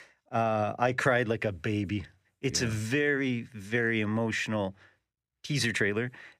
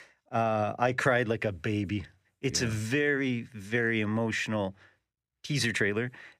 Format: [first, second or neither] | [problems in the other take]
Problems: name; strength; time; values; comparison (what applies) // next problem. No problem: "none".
neither | none